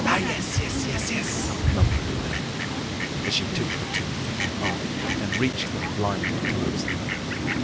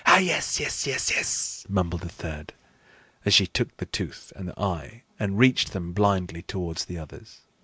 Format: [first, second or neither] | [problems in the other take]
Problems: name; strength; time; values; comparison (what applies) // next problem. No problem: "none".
second | background sound (Fowl); 5 dB above the speech